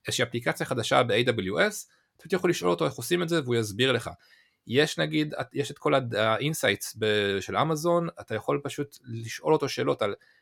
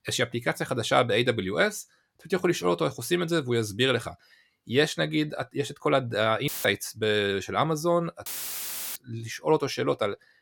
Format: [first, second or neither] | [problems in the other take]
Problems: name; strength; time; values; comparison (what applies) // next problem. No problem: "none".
first | audio cutting out; filled with static; at 6.5 s and at 8.5 s for 0.5 s